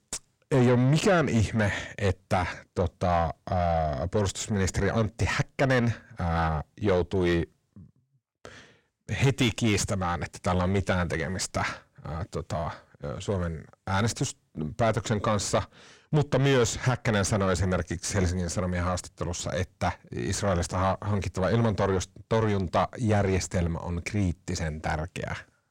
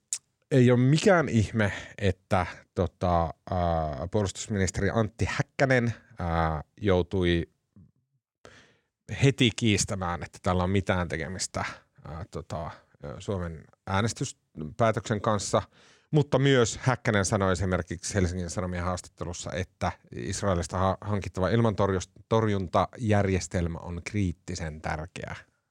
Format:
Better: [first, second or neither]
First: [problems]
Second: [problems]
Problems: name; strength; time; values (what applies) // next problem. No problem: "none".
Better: second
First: distortion; heavy; 6 dB below the speech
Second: none